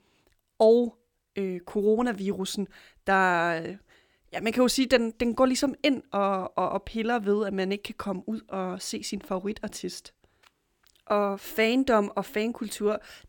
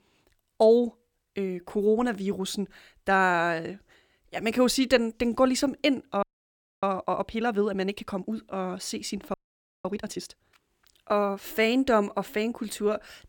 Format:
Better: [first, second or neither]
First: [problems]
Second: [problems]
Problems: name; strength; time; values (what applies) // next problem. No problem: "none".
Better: first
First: none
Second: audio freezing; at 6 s for 0.5 s and at 9.5 s for 0.5 s